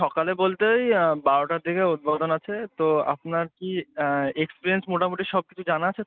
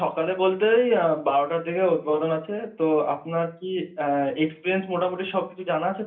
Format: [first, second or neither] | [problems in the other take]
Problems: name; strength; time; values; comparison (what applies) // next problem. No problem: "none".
first | room echo; dies away in 0.3 s